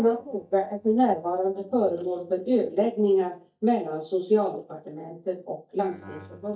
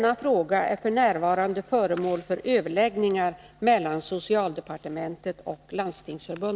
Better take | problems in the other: second | noise reduction (neural mask model DeepFilterNet 3)

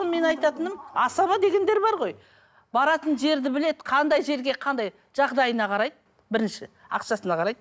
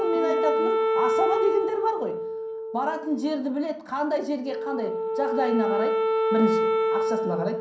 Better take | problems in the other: first | background sound (Wind instrument, woodwind instrument); 2 dB above the speech // room echo; dies away in 0.6 s

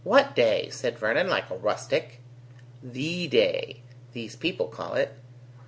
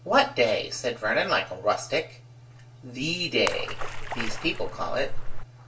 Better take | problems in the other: first | background sound (Splash, splatter); as loud as the speech // room echo; dies away in 0.1 s

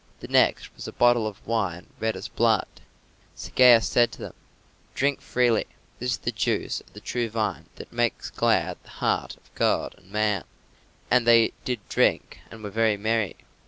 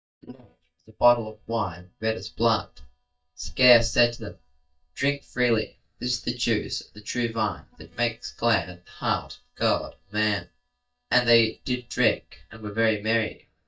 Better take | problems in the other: first | noise reduction (neural mask model DeepFilterNet 3)

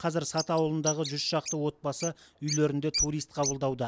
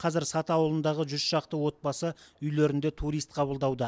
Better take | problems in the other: second | background sound (Bird); 7 dB below the speech

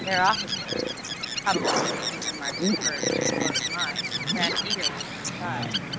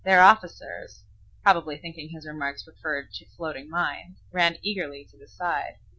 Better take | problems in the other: second | background sound (Bird); 4 dB above the speech

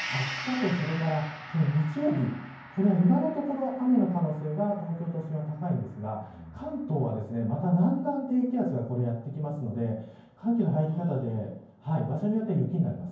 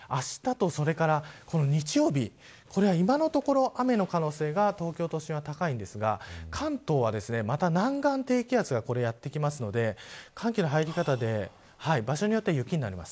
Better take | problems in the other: second | background sound (Gong); 16 dB below the speech // room echo; dies away in 0.9 s

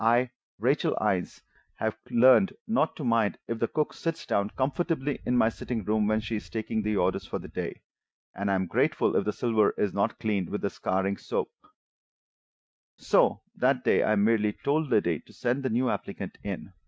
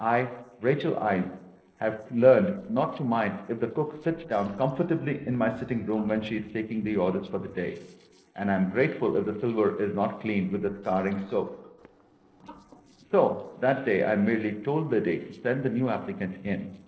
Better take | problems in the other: first | noise reduction (neural separator model SepFormer DNS4)

